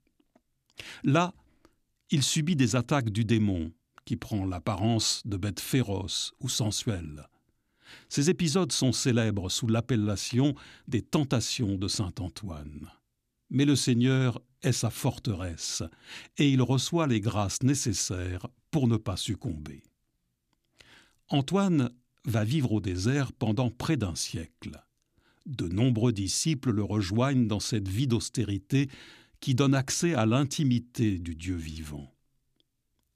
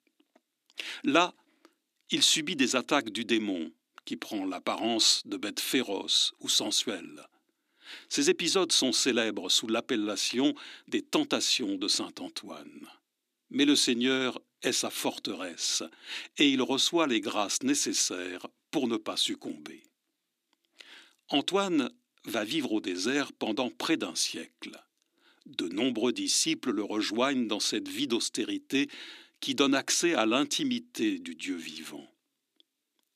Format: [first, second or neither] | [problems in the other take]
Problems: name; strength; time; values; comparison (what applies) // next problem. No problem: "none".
first | thin; very slightly; fading below 300 Hz